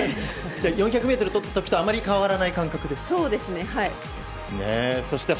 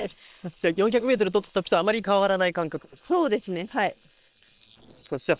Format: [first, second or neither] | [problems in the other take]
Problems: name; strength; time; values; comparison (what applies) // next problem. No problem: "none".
first | noise reduction (neural separator model SepFormer WHAM!)